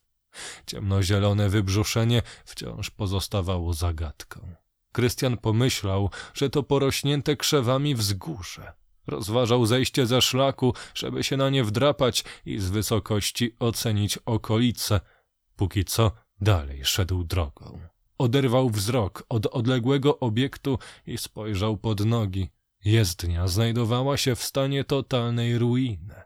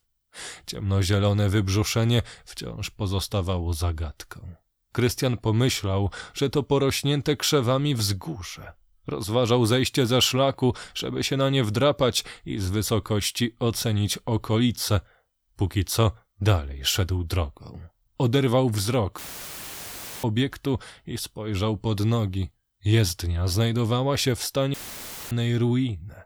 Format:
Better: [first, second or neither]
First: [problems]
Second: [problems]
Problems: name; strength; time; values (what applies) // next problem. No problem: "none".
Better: first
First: none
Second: audio cutting out; filled with static; at 19 s for 1 s and at 25 s for 0.5 s